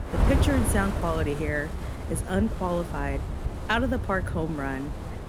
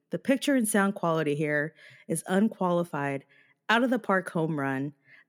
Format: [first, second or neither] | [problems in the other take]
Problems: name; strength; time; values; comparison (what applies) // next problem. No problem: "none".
second | wind noise on the microphone; heavy; 8 dB below the speech